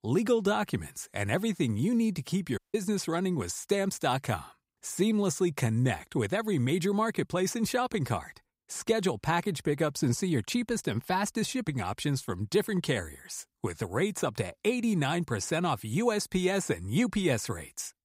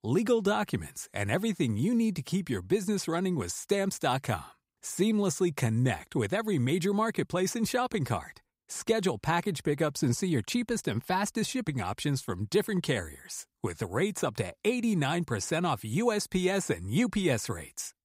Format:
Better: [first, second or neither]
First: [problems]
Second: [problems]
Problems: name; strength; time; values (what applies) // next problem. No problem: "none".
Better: second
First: audio cutting out; at 2.5 s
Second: none